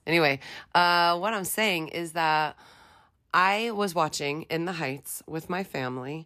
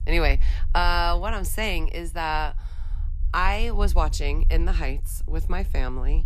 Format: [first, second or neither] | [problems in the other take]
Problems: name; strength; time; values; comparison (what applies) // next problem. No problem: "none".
first | low rumble; faint; throughout; 25 dB below the speech